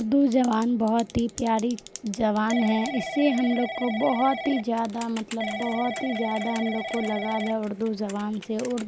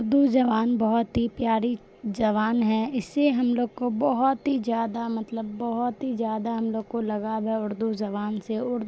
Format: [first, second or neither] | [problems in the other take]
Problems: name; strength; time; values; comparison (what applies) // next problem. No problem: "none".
second | background sound (Telephone / Typing); 10 dB below the speech